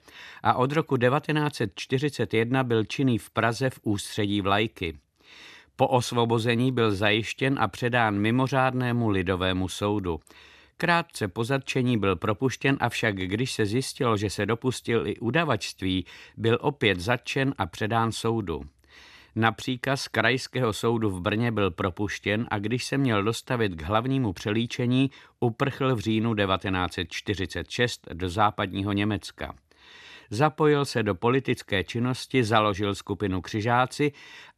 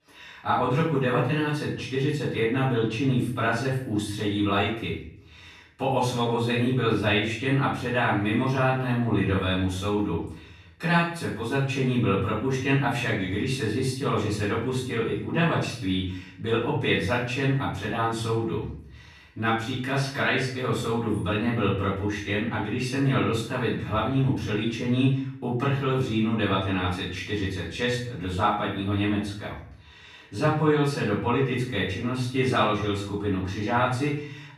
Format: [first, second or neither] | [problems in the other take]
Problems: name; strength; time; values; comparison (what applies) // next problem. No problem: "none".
first | off-mic speech; far // room echo; noticeable; dies away in 0.6 s